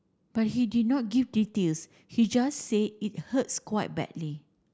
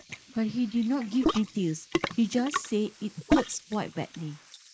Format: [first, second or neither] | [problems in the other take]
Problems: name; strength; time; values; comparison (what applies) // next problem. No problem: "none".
first | noise reduction (neural mask model Resemble Enhance denoiser)